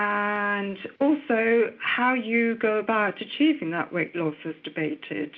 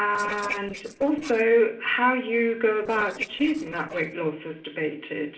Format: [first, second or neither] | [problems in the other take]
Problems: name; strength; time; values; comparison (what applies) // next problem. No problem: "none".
first | noise reduction (neural separator model SepFormer DNS4)